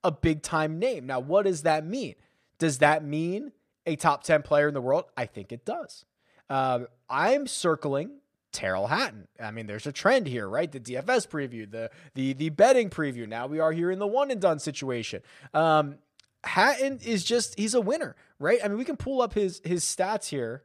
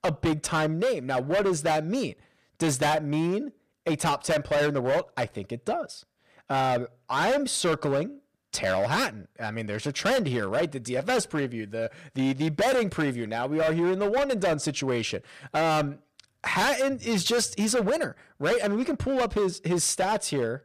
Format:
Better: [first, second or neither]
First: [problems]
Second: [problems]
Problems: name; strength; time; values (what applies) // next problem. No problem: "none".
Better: first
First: none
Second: distortion; heavy; 15% of the sound clipped